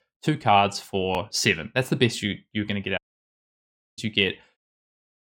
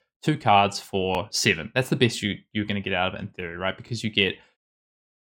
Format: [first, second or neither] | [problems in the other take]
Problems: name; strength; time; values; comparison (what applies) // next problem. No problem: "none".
second | audio cutting out; at 3 s for 1 s